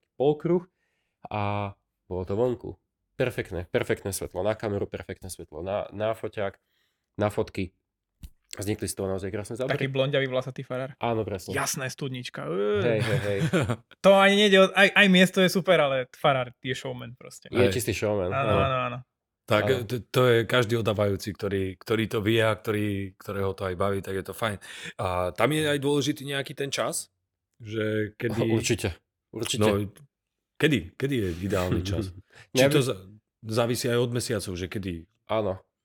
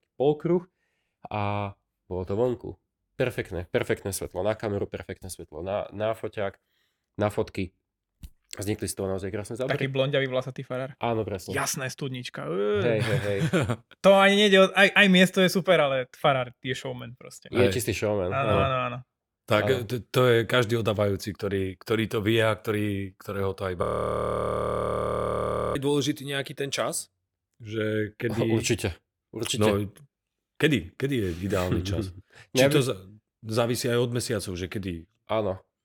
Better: first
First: none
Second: audio freezing; at 24 s for 2 s

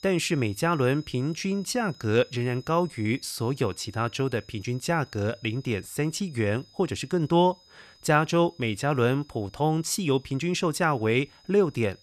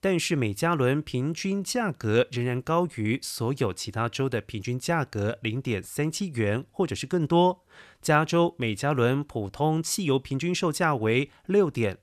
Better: second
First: high-pitched whine; faint; throughout; 5 kHz, 25 dB below the speech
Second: none

